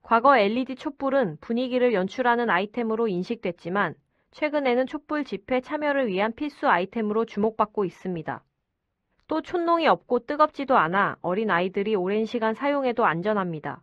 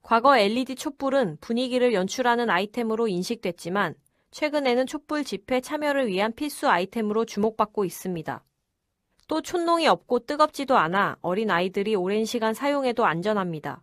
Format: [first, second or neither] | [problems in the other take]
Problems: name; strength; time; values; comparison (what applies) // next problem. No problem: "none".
second | muffled; slightly; fading above 2.5 kHz